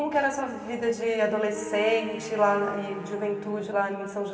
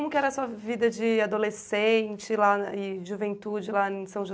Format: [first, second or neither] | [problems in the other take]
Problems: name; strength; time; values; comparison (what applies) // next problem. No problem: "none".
second | background sound (Wind instrument, woodwind instrument); 16 dB below the speech // room echo; dies away in 2.4 s